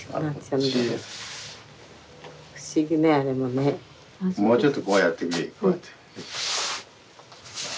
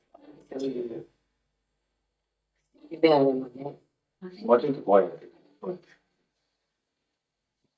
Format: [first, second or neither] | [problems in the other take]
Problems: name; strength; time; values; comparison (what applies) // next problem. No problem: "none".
first | noise reduction (neural mask model DeepFilterNet 3)